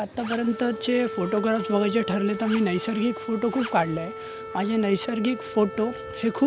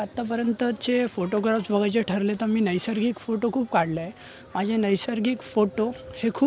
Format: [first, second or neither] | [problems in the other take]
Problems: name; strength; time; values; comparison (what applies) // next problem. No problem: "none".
second | background sound (Wind instrument, woodwind instrument + Zipper (clothing)); 11 dB below the speech